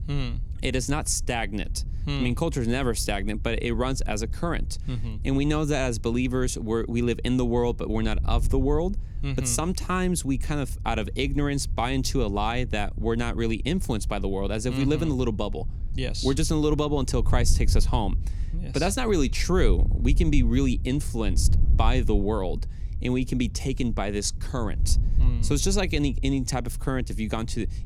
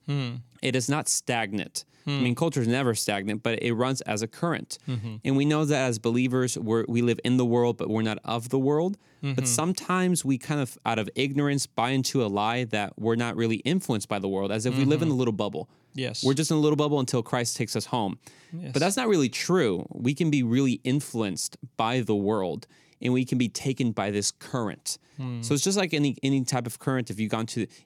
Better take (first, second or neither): second